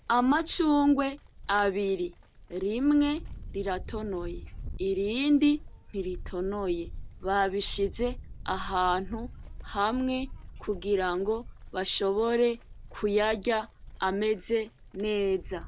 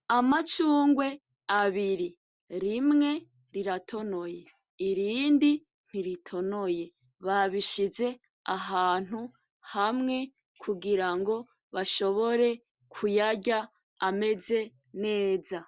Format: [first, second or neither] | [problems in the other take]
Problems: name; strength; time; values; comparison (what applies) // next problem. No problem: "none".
second | background sound (Livestock, farm animals, working animals); 13 dB below the speech